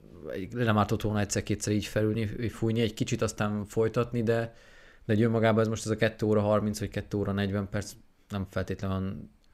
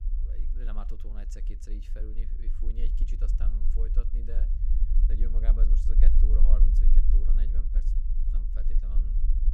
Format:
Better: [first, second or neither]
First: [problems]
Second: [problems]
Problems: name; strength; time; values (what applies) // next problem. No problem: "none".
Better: first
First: none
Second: low rumble; loud; throughout; 2 dB below the speech